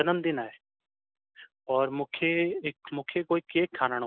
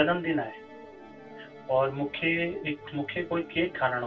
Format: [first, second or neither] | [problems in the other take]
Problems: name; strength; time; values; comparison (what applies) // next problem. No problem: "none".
first | background sound (Musical instrument); 17 dB below the speech // room echo; dies away in 0.1 s